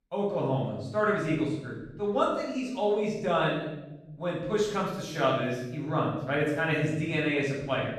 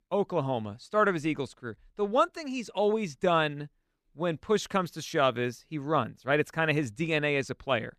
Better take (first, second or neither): second